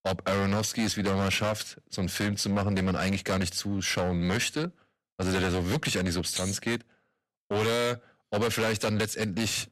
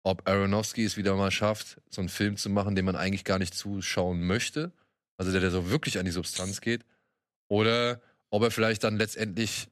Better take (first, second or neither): second